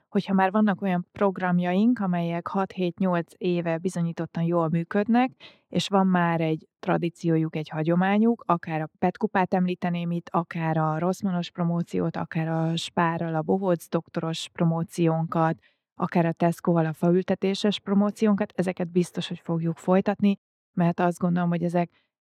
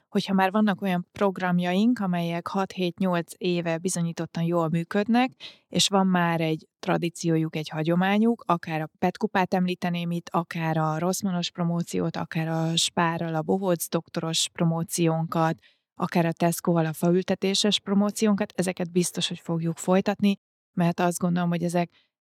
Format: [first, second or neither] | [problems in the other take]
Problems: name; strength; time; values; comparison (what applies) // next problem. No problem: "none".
second | muffled; slightly; fading above 3.5 kHz